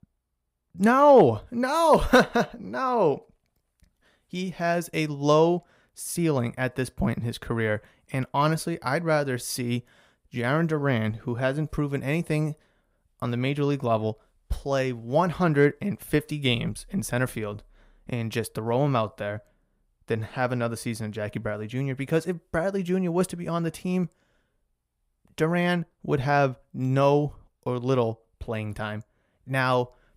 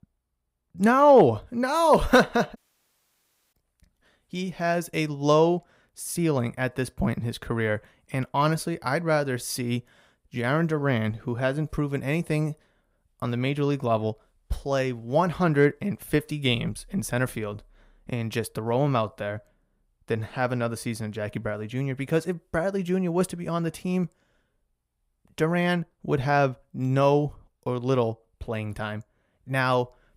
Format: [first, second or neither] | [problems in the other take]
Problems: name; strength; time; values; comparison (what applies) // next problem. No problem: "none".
first | audio cutting out; at 2.5 s for 1 s